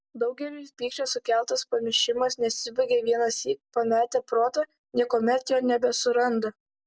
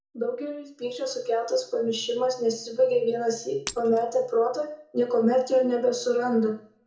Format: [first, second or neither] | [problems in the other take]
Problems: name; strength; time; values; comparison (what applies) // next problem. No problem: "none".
first | background sound (Shatter); 17 dB below the speech // room echo; dies away in 0.6 s